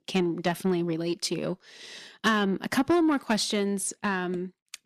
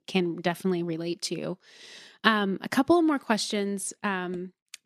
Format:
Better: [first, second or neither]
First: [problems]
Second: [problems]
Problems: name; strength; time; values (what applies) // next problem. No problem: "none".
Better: second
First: distortion; slight; 10 dB below the speech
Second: none